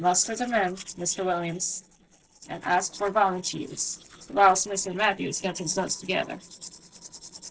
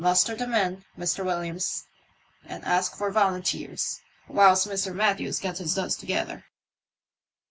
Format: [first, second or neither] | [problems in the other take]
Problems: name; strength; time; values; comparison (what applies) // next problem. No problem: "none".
second | noise reduction (neural separator model SepFormer DNS4)